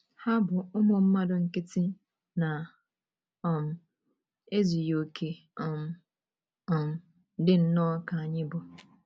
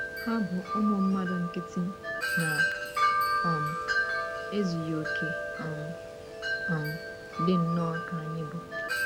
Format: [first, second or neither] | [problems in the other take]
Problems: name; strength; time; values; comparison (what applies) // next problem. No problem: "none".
first | background sound (Wind chime); 1 dB above the speech